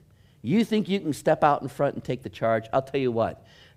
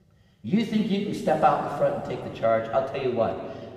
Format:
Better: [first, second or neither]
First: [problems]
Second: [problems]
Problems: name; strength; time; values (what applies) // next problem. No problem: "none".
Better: first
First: none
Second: room echo; noticeable; dies away in 2.1 s // off-mic speech; far